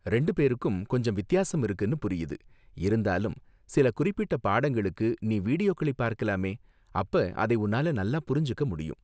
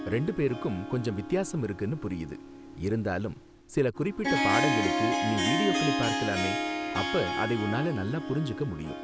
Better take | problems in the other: first | background sound (Harp); 1 dB below the speech

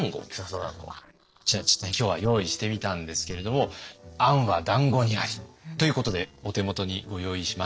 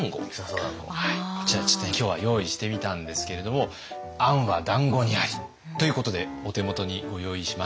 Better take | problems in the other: second | noise reduction (neural separator model SepFormer DNS4)

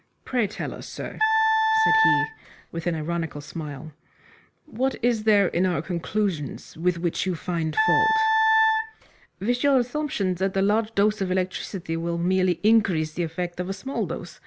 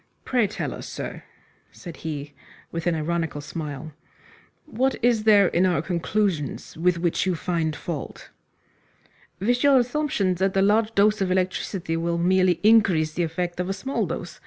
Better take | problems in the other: second | background sound (Wind instrument, woodwind instrument); 3 dB above the speech

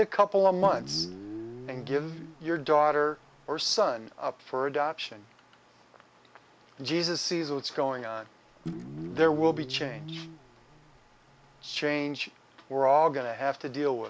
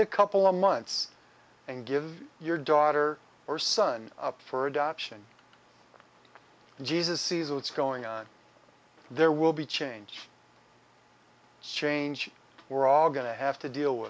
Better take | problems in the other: second | background sound (Guitar); 13 dB below the speech

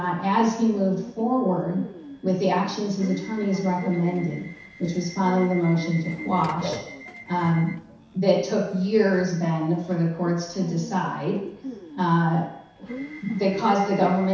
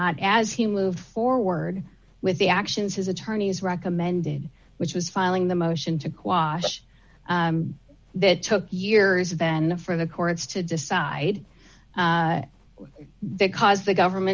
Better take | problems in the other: second | background sound (Subway, metro, underground / Alarm); 15 dB below the speech // room echo; dies away in 0.7 s

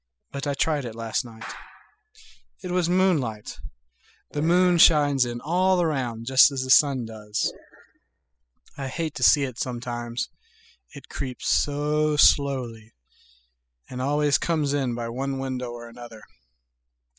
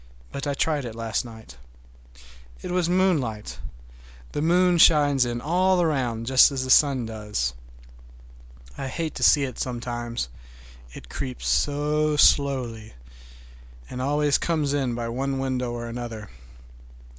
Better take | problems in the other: second | noise reduction (classical method spectral subtraction)

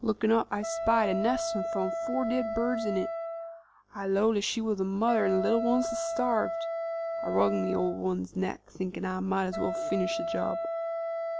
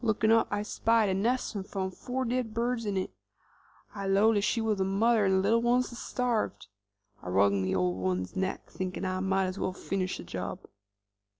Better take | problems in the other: second | background sound (Wind instrument, woodwind instrument); 4 dB below the speech

